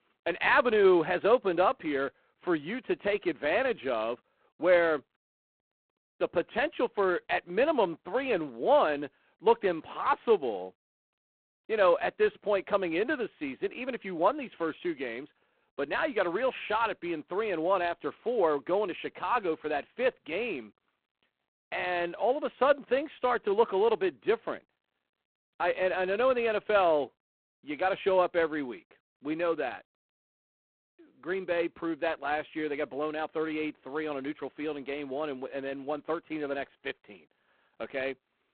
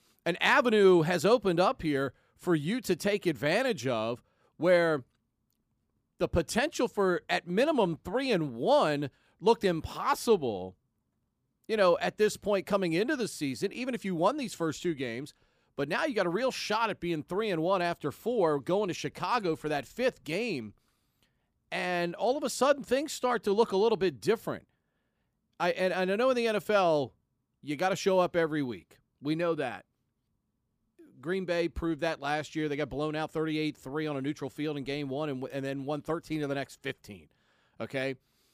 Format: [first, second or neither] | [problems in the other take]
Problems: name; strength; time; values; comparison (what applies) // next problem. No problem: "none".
second | phone-call audio; poor line; nothing above 4 kHz